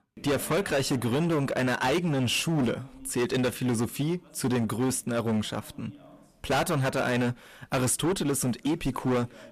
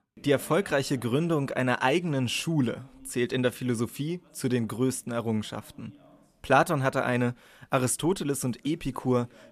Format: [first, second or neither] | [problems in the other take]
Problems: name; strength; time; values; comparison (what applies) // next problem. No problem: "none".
second | distortion; heavy; 17% of the sound clipped